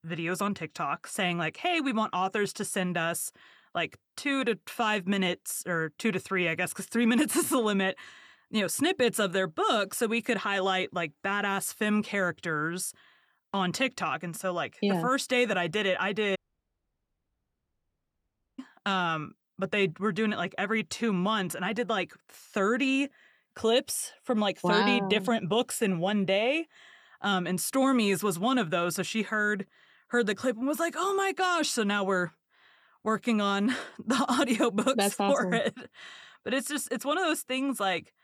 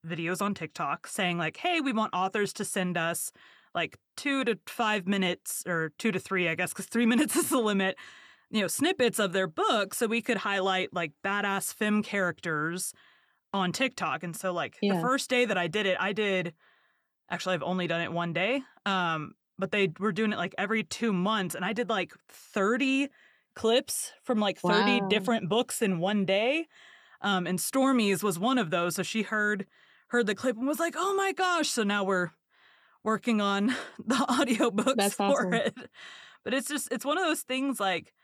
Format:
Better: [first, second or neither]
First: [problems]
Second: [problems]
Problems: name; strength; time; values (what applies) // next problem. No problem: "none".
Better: second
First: audio cutting out; at 16 s for 2 s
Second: none